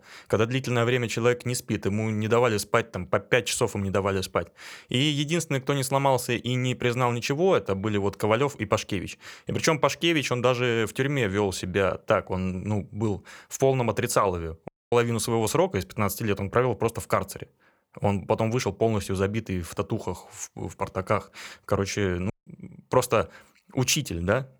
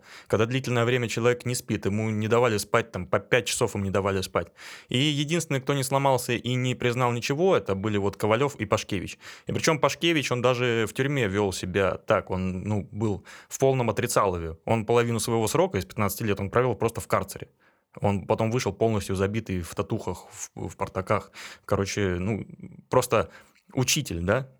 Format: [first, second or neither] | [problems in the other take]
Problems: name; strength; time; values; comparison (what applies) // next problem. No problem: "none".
second | audio cutting out; at 15 s and at 22 s